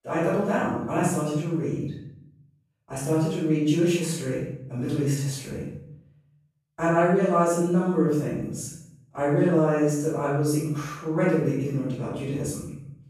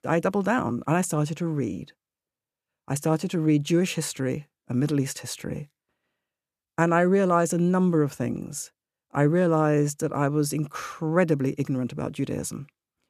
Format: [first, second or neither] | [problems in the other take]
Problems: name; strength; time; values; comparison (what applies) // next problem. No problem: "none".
second | room echo; strong; dies away in 0.7 s // off-mic speech; far